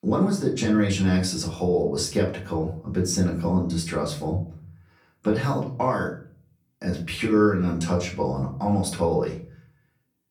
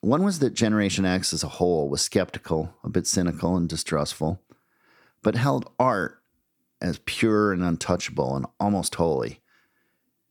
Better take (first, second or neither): second